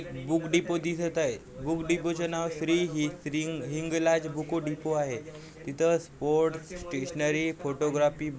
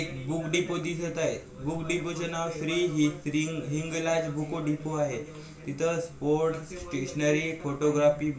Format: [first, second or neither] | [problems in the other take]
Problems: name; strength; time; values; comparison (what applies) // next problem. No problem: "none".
first | room echo; dies away in 0.4 s